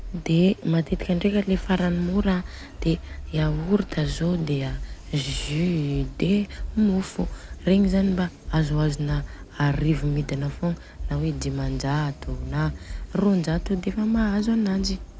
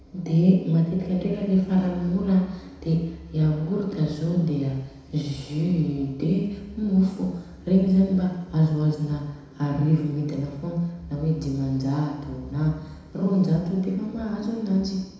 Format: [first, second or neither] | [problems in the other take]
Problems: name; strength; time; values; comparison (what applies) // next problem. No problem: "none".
first | room echo; dies away in 1 s